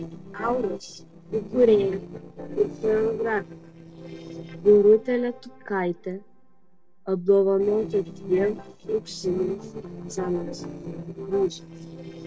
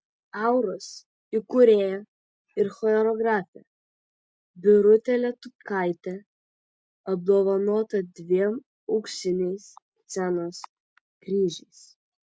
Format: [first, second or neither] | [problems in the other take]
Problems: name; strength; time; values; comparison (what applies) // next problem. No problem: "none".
second | noise reduction (neural separator model SepFormer DNS4)